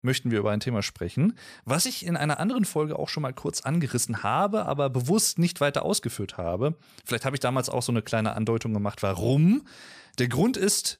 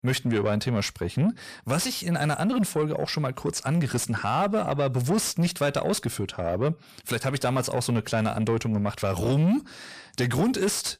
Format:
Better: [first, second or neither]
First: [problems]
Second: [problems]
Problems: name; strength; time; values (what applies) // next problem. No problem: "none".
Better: first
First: none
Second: distortion; slight; 10 dB below the speech